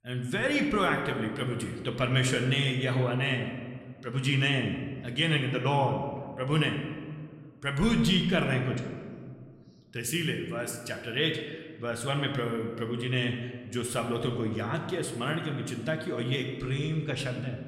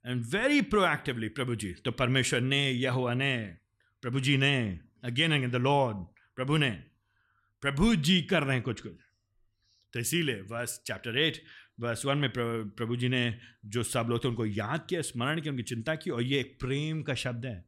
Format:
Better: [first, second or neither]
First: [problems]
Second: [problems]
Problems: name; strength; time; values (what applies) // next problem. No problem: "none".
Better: second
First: room echo; slight; dies away in 1.3 s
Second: none